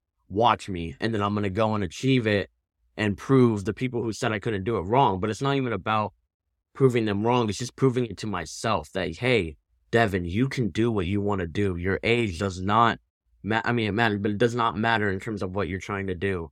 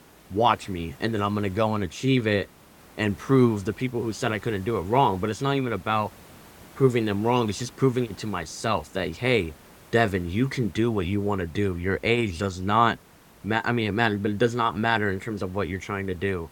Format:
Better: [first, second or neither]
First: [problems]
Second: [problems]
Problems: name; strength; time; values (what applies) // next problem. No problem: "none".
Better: first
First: none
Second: hiss; faint; throughout; 25 dB below the speech